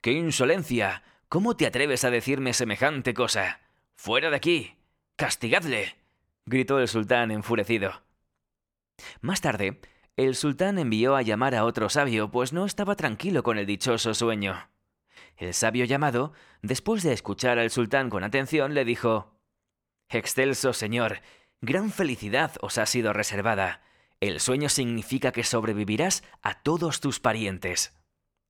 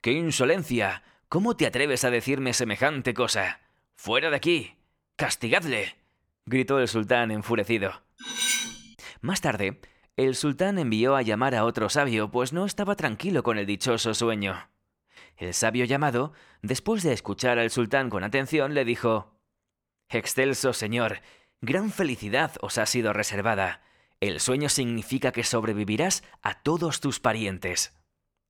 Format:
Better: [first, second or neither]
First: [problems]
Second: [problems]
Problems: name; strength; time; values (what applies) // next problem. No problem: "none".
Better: first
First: none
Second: clattering dishes; loud; at 8 s; peak 2 dB above the speech